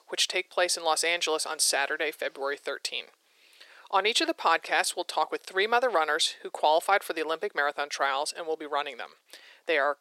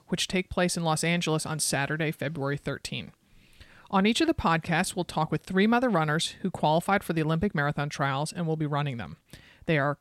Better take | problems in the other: second | thin; very; fading below 400 Hz

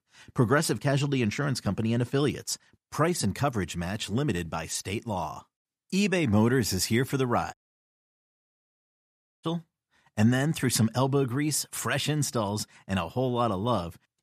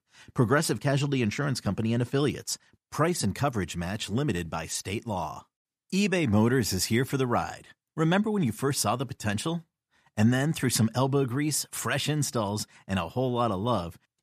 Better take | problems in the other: second | audio cutting out; at 7.5 s for 2 s

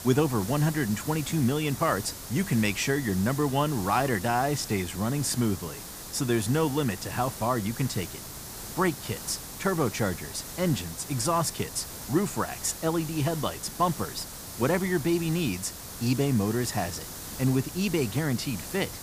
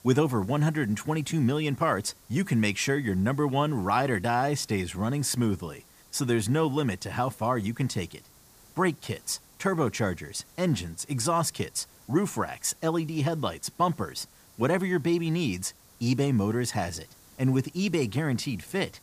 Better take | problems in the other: second | hiss; loud; throughout; 10 dB below the speech; faint in the second

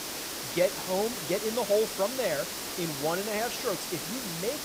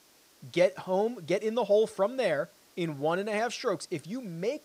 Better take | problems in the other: second | hiss; loud; throughout; 3 dB below the speech; faint in the second

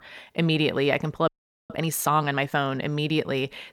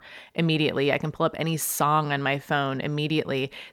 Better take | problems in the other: second | audio freezing; at 1.5 s

